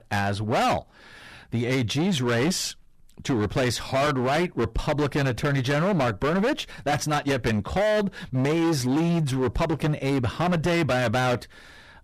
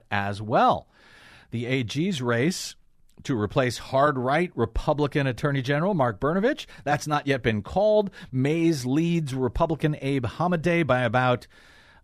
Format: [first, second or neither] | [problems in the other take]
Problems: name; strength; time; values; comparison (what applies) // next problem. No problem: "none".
second | distortion; heavy; 23% of the sound clipped